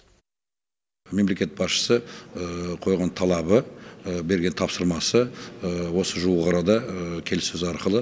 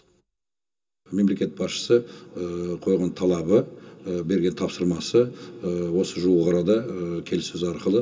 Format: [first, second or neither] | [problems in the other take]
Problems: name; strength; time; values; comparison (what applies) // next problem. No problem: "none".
first | room echo; dies away in 0.2 s